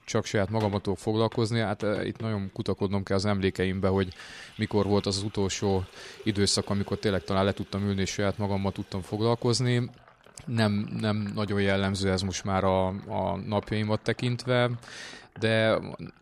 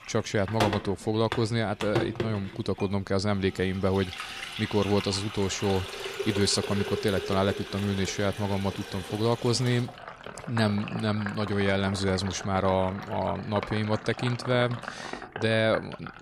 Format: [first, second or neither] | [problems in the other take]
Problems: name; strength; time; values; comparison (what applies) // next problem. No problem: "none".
first | household noises; loud; throughout; 8 dB below the speech; faint in the first